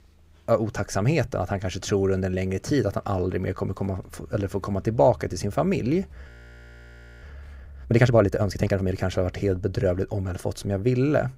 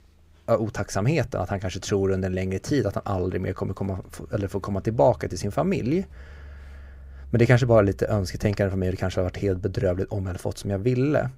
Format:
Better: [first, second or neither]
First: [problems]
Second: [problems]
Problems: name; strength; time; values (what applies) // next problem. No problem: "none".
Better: second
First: audio freezing; at 6.5 s for 1 s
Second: none